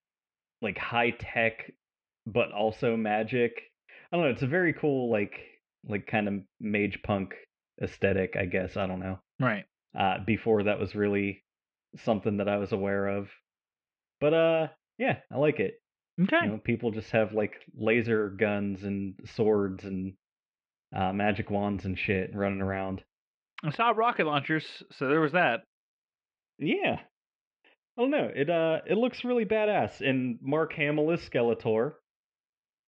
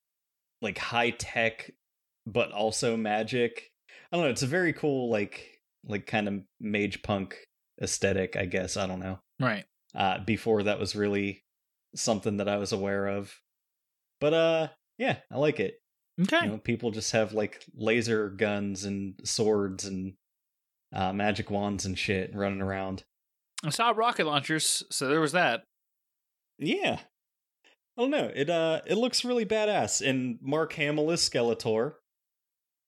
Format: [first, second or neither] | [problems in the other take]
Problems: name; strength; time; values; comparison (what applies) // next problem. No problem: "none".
second | muffled; very; fading above 2.5 kHz